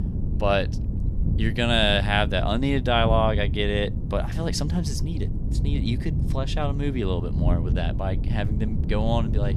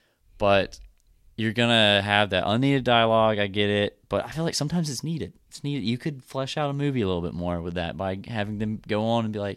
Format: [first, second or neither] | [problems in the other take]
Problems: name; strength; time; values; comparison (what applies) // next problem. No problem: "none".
second | wind noise on the microphone; occasional gusts; 15 dB below the speech